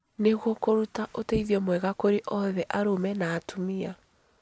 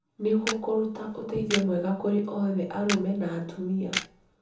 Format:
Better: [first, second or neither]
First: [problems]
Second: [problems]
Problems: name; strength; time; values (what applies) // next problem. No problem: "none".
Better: first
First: none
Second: background sound (Camera); 9 dB below the speech // room echo; dies away in 1 s